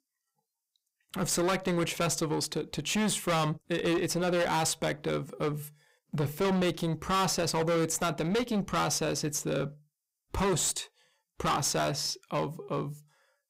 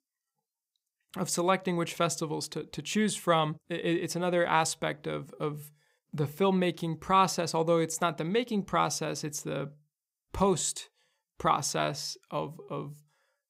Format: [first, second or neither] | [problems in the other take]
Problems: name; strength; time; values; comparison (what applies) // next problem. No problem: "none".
second | distortion; heavy; 16% of the sound clipped